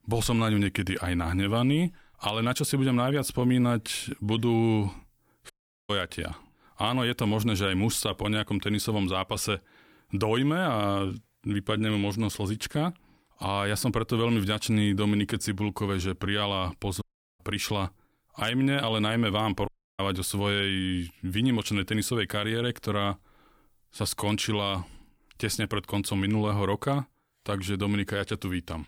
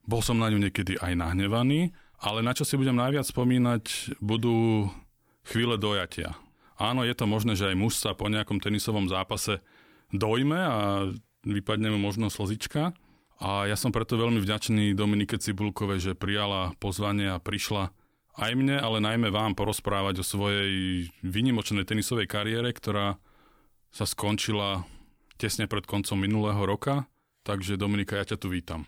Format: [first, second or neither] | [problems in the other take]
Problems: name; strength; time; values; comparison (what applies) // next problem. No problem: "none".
second | audio cutting out; at 5.5 s, at 17 s and at 20 s